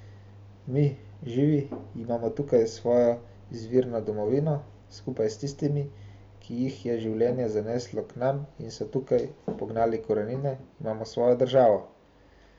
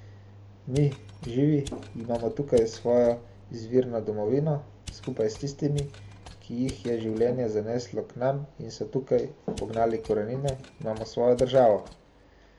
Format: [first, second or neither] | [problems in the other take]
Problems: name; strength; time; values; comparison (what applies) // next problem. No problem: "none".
first | background sound (Mechanisms); 18 dB below the speech